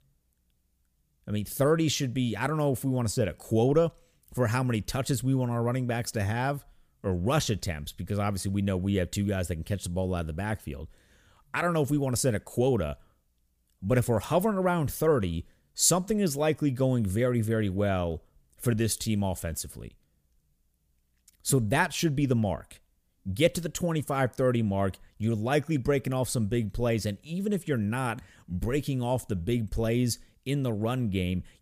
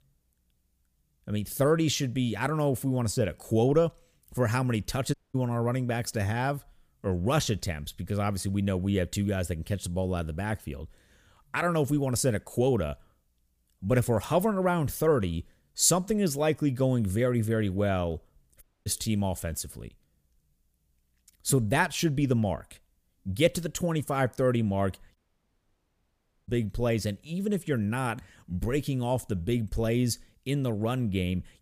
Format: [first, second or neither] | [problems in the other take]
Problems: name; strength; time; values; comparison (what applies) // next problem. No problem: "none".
first | audio cutting out; at 5 s, at 19 s and at 25 s for 1.5 s